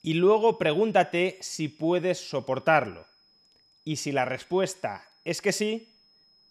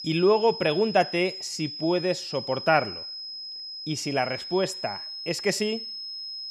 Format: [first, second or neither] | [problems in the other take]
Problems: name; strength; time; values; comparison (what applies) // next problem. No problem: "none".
first | high-pitched whine; loud; throughout; 5 kHz, 8 dB below the speech; faint in the first